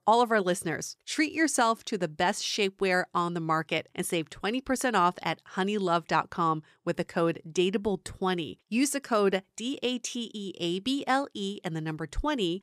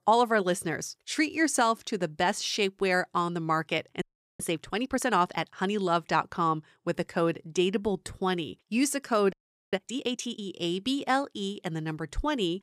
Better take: first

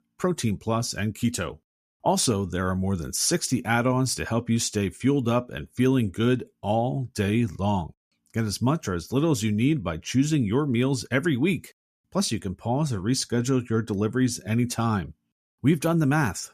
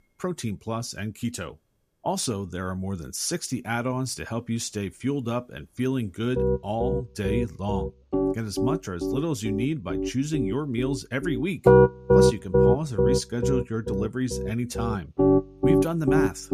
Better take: first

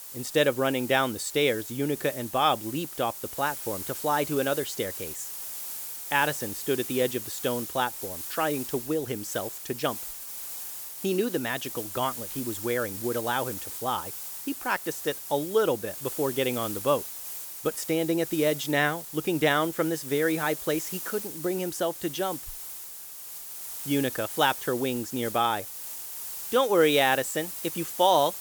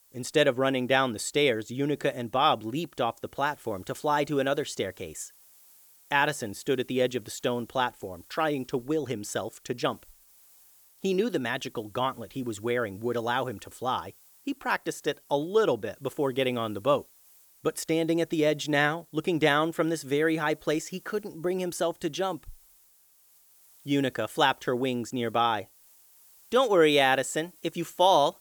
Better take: second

